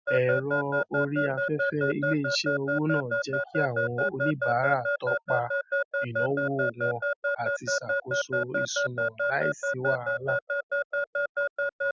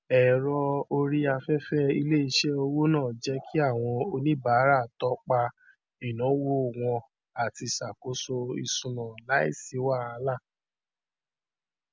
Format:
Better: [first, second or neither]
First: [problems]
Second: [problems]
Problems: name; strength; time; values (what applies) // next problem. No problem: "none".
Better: second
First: noise reduction (classical method Wiener filter)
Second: none